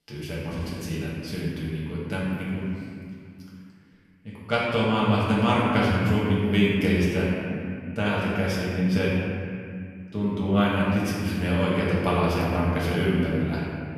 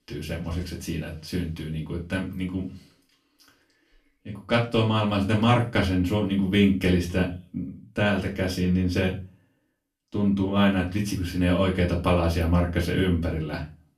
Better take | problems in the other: second | room echo; strong; dies away in 2.2 s; slight in the second // off-mic speech; far; far in the second

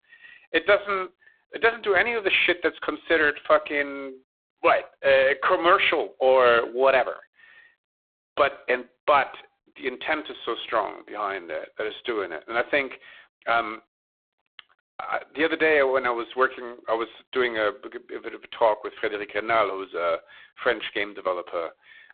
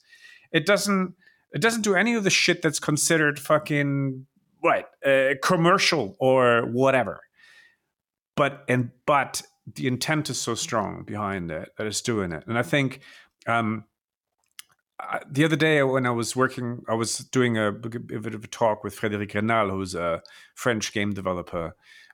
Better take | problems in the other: second | phone-call audio; poor line; nothing above 3.5 kHz

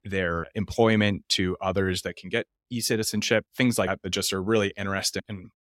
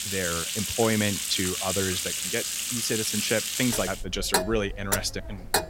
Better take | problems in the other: first | household noises; very loud; throughout; 1 dB above the speech

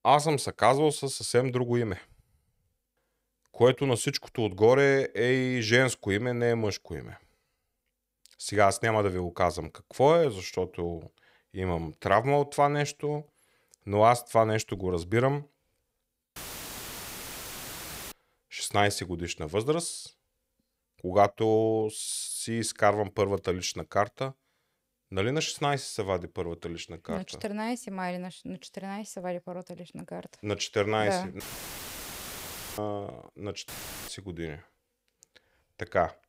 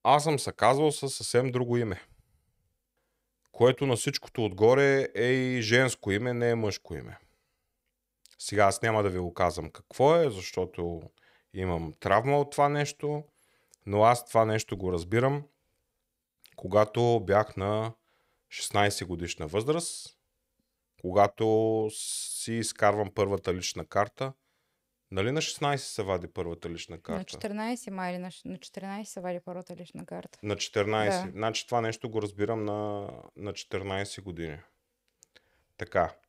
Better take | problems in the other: second | audio cutting out; filled with static; at 16 s for 2 s, at 31 s for 1.5 s and at 34 s

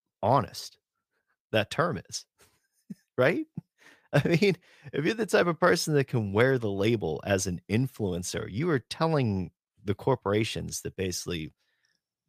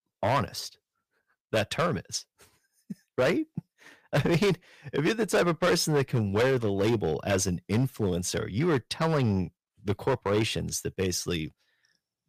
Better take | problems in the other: first | distortion; heavy; 6% of the sound clipped

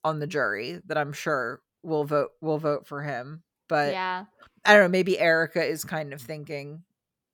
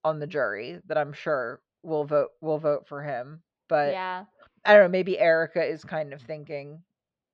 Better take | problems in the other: first | muffled; slightly; fading above 4 kHz

